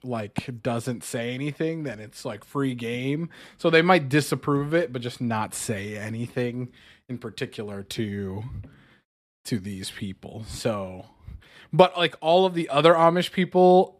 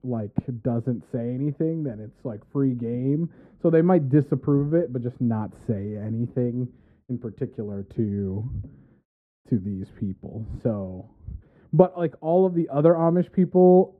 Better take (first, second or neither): first